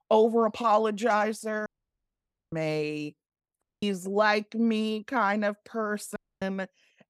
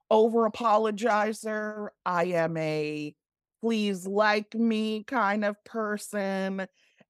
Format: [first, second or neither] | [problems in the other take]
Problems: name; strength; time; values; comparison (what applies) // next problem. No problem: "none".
second | audio cutting out; at 1.5 s for 1 s, at 3.5 s and at 6 s